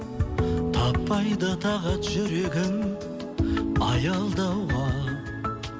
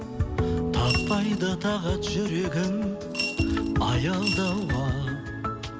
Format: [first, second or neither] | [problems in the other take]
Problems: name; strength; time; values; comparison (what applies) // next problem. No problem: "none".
first | background sound (Coin (dropping) / Glass); 9 dB below the speech